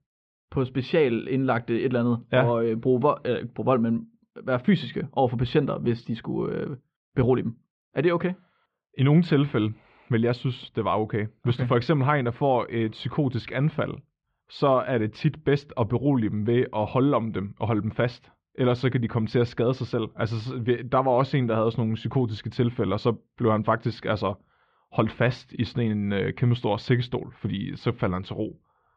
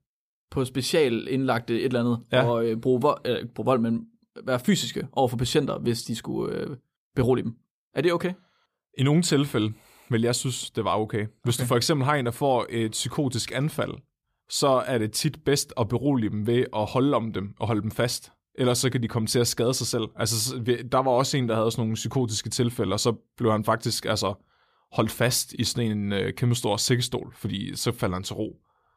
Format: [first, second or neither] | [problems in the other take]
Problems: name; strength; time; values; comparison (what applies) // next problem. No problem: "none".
second | muffled; very; fading above 3 kHz